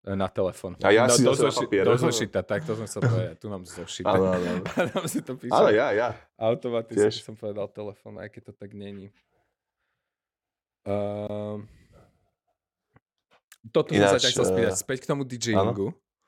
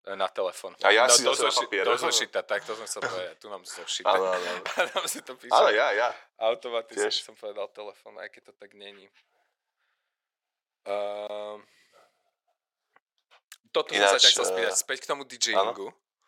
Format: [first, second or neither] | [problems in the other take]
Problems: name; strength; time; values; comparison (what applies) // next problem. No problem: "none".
first | thin; very; fading below 750 Hz